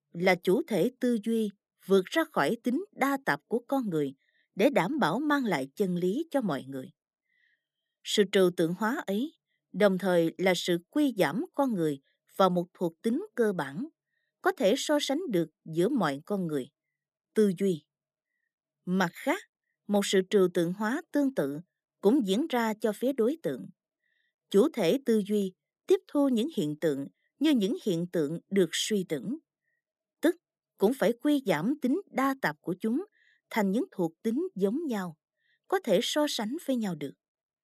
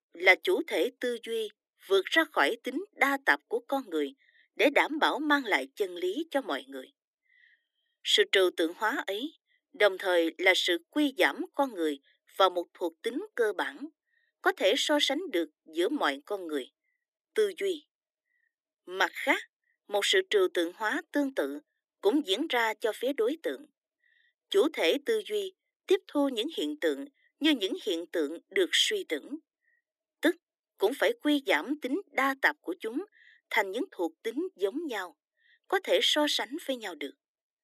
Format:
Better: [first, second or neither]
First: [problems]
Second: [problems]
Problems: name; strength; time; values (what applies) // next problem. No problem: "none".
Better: first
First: none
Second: thin; somewhat; fading below 300 Hz